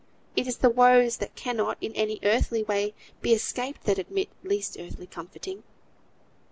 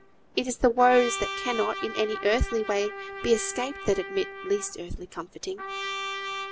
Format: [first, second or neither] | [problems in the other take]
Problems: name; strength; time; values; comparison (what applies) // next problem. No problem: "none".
first | background sound (Trumpet); 9 dB below the speech